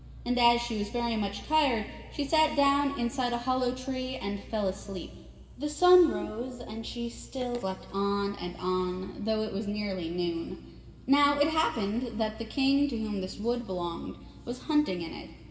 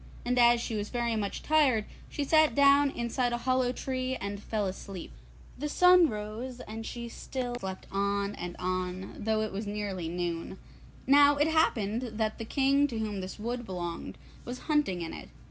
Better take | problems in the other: second | room echo; dies away in 1.7 s

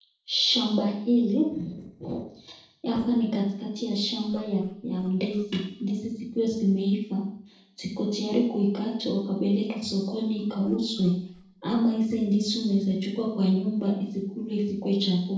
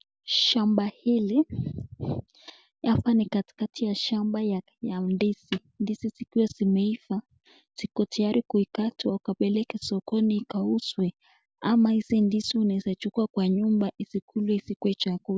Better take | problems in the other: second | noise reduction (neural separator model SepFormer DNS4)

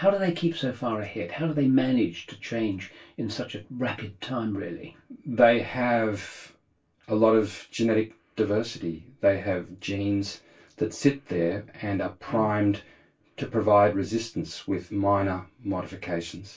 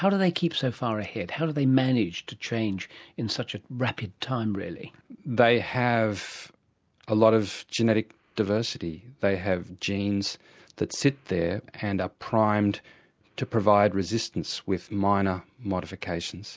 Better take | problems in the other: second | background sound (Bowed string instrument); 18 dB below the speech // room echo; dies away in 0.2 s

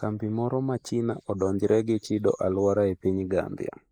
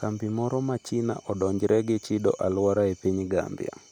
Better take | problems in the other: second | noise reduction (neural mask model Resemble Enhance denoiser)

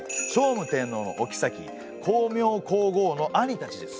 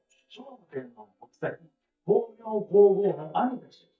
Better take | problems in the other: first | noise reduction (neural mask model DeepFilterNet 3)

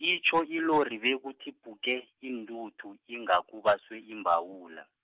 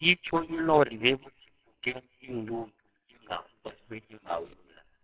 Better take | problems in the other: first | noise reduction (neural separator model SepFormer WHAMR!)

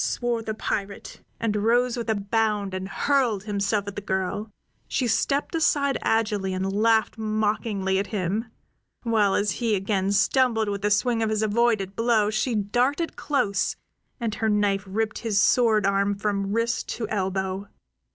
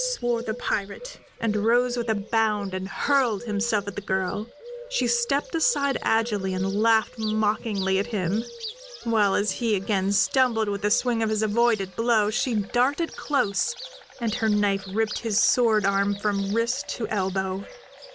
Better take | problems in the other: first | background sound (Bird); 15 dB below the speech

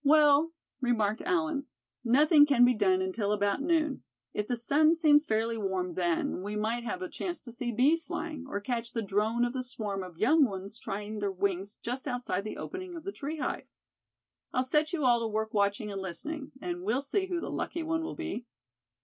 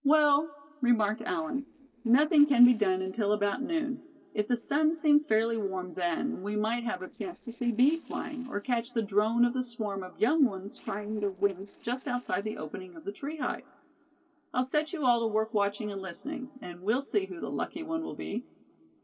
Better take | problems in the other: first | noise reduction (neural separator model SepFormer DNS4)

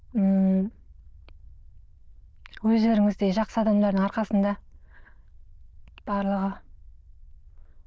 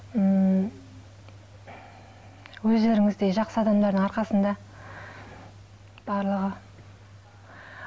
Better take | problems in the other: second | noise reduction (neural diffusion model UNIVERSE++)

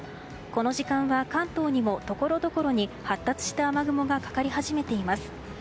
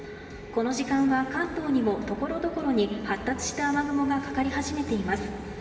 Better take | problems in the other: first | room echo; dies away in 2.9 s

